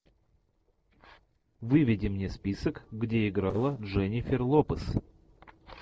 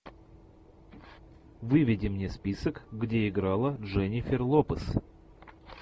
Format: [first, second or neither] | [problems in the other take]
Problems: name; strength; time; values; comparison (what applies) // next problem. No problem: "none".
second | noise reduction (neural separator model SepFormer DNS4)